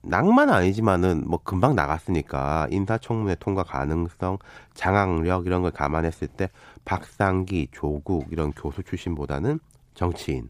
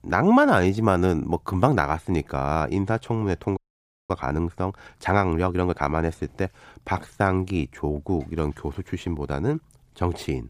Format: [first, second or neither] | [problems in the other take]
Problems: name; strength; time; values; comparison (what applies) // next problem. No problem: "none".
first | audio freezing; at 3.5 s for 0.5 s